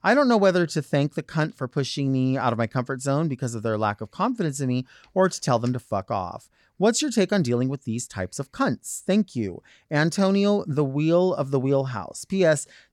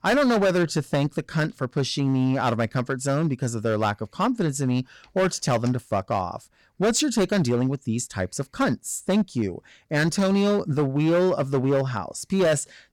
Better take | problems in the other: first | distortion; slight; 9% of the sound clipped

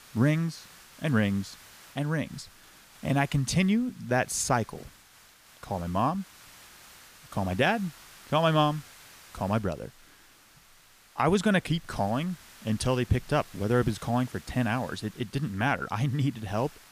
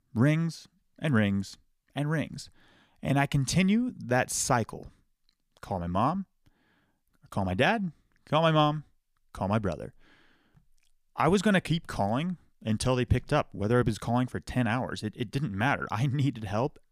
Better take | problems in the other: second | hiss; faint; throughout; 20 dB below the speech

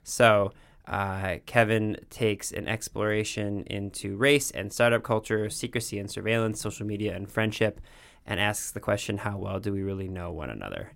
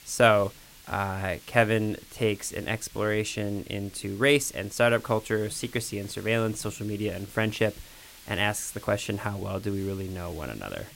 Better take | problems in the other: first | hiss; faint; throughout; 20 dB below the speech

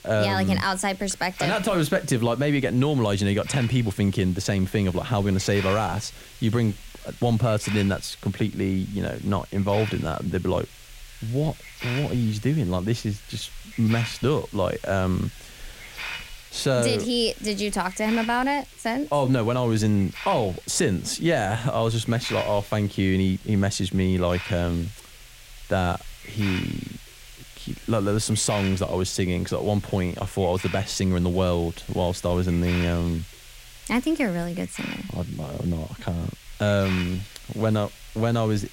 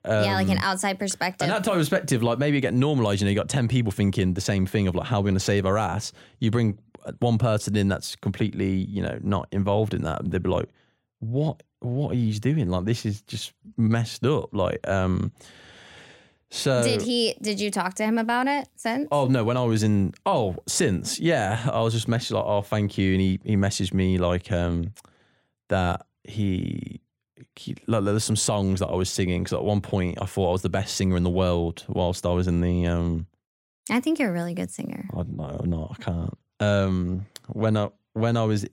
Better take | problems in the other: second | hiss; noticeable; throughout; 15 dB below the speech

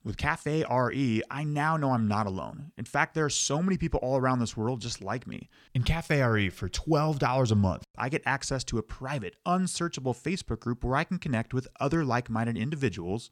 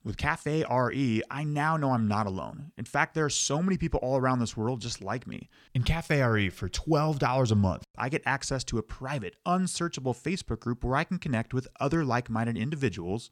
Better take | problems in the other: neither | none

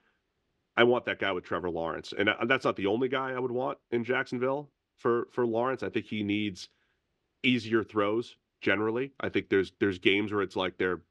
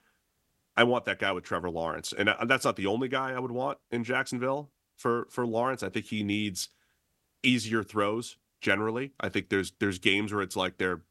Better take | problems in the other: second | muffled; slightly; fading above 3.5 kHz

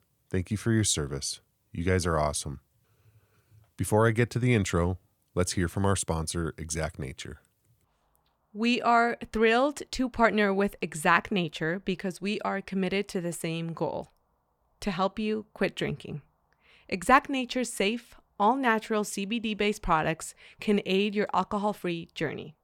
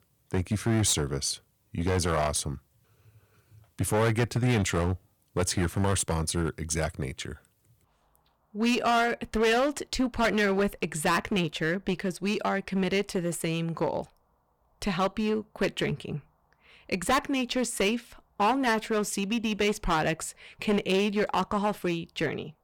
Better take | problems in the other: first | distortion; heavy; 8% of the sound clipped

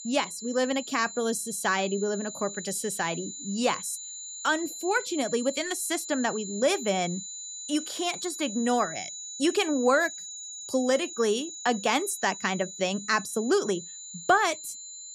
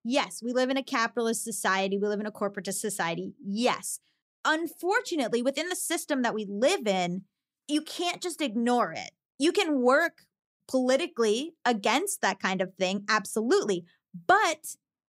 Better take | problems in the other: second | high-pitched whine; loud; throughout; 7 kHz, 9 dB below the speech

